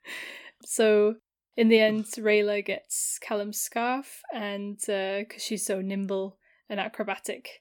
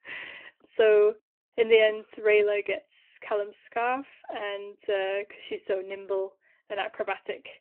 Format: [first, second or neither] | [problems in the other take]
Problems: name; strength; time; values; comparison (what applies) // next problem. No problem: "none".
first | phone-call audio